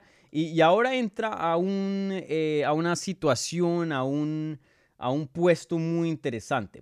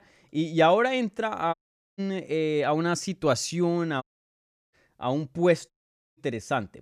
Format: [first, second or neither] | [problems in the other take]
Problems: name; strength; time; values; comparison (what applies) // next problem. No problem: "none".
first | audio cutting out; at 1.5 s, at 4 s for 0.5 s and at 5.5 s